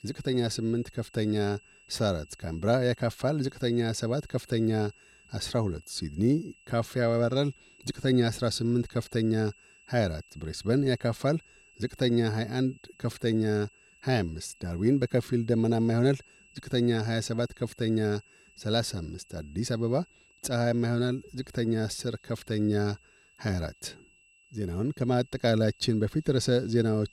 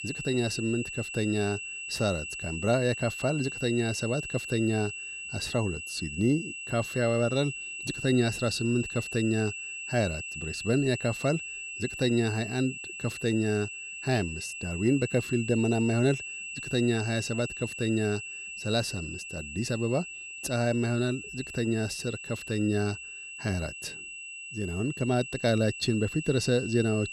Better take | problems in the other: first | high-pitched whine; loud; throughout; 2.5 kHz, 7 dB below the speech; faint in the first

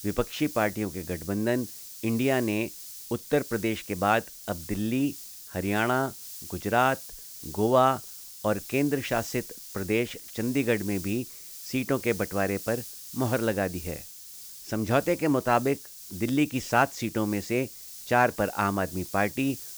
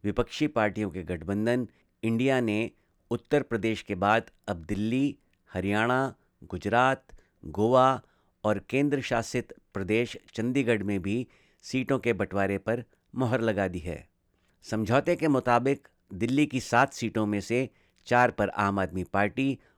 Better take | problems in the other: second | hiss; noticeable; throughout; 10 dB below the speech

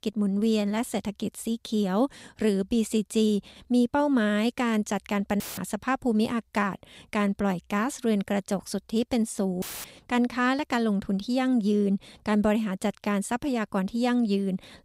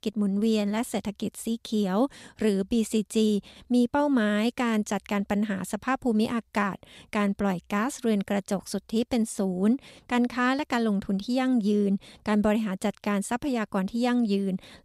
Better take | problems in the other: second | audio cutting out; filled with static; at 5.5 s and at 9.5 s

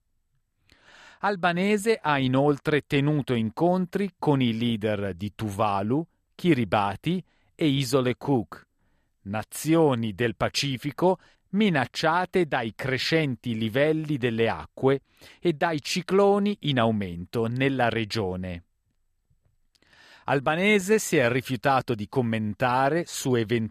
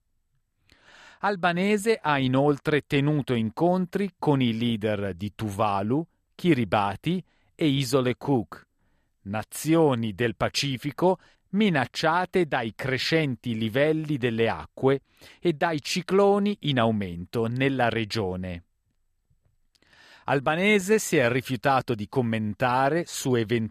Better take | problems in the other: neither | none

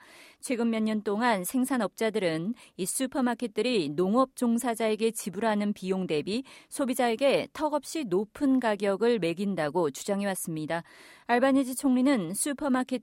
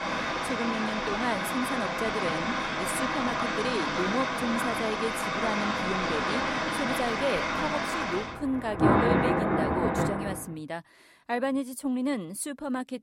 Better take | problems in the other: first | rain or running water; very loud; until 10 s; 4 dB above the speech

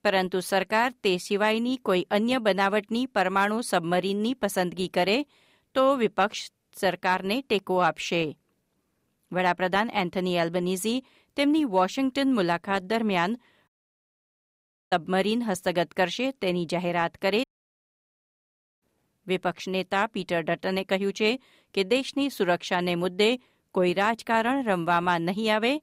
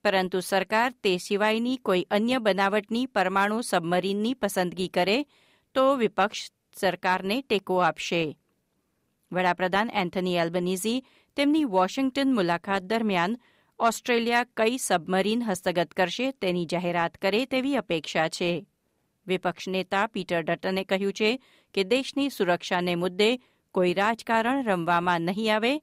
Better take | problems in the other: second | audio cutting out; at 14 s for 1 s and at 17 s for 1.5 s

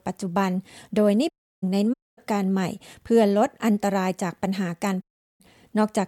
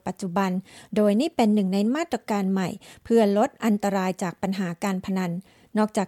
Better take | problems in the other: second | audio cutting out; at 1.5 s, at 2 s and at 5 s

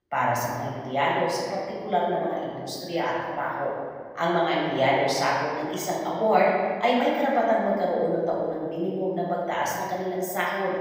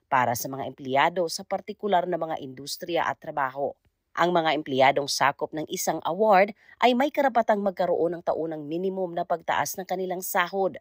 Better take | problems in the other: second | room echo; noticeable; dies away in 1.8 s // off-mic speech; far

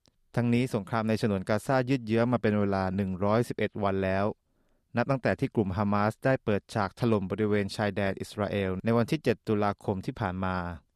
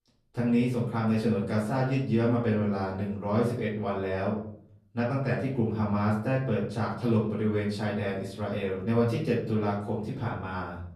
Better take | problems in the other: first | off-mic speech; far // room echo; noticeable; dies away in 0.6 s

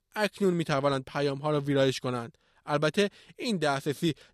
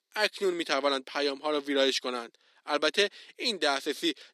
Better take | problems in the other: first | thin; very slightly; fading below 250 Hz

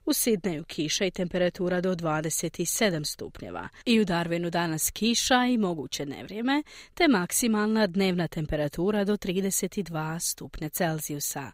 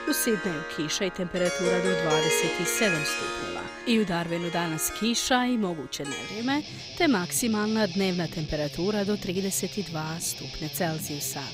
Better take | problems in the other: first | background music; loud; throughout; 4 dB below the speech

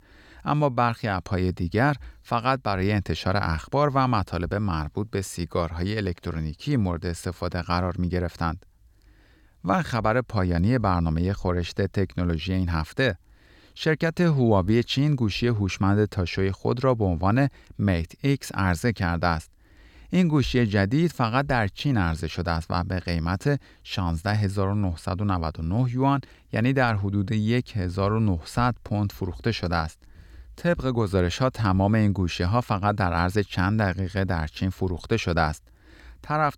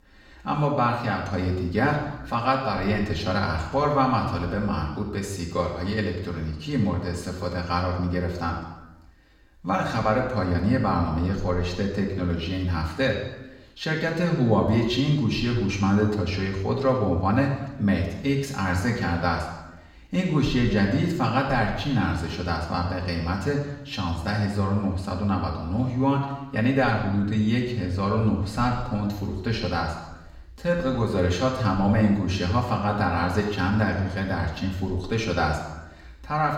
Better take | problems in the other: first | room echo; noticeable; dies away in 0.9 s // off-mic speech; far

